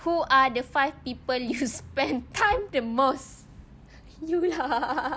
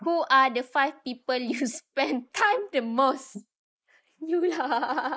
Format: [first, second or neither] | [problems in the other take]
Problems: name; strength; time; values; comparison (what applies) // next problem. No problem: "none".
first | noise reduction (neural mask model Resemble Enhance denoiser)